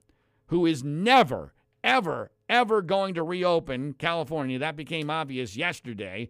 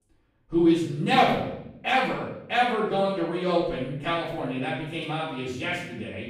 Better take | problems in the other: first | room echo; noticeable; dies away in 0.8 s // off-mic speech; far

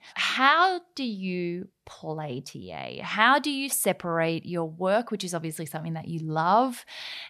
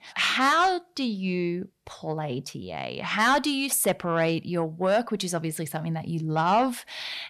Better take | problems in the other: first | distortion; slight; 10 dB below the speech

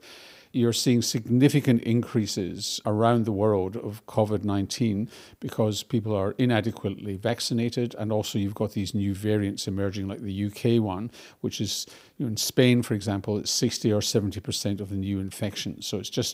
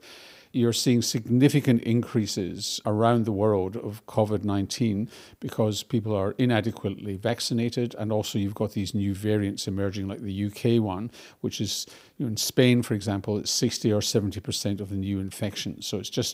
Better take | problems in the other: neither | none

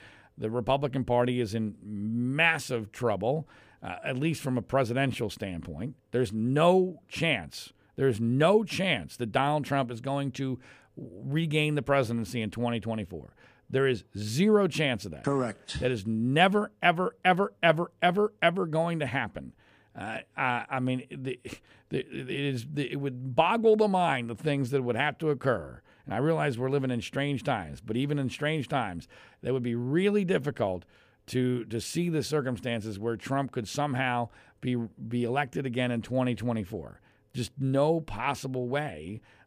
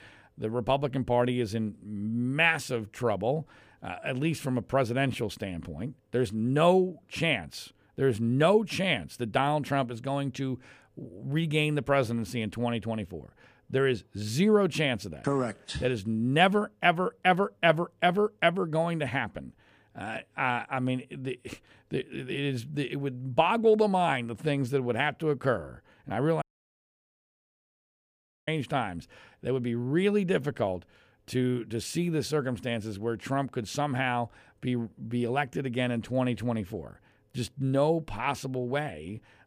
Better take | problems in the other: first | audio cutting out; at 26 s for 2 s

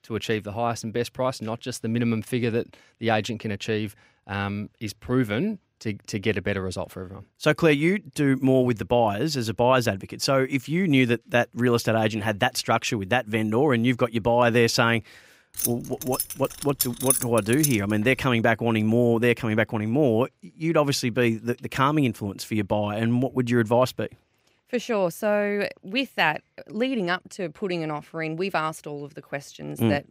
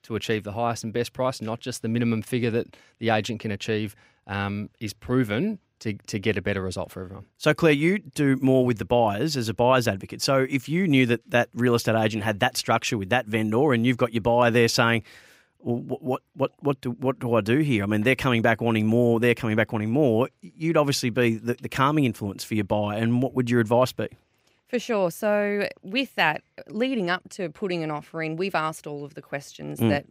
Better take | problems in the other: second | jangling keys; loud; from 16 to 18 s; peak 2 dB above the speech

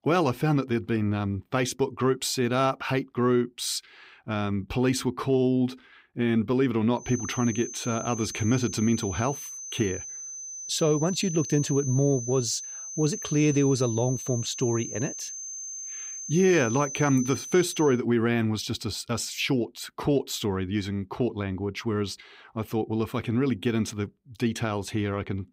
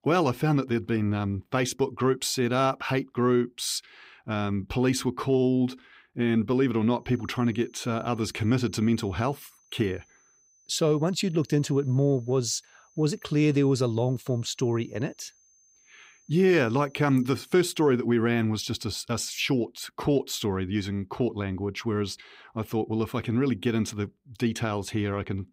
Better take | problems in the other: second | high-pitched whine; loud; from 7 to 18 s; 6 kHz, 8 dB below the speech; faint in the second

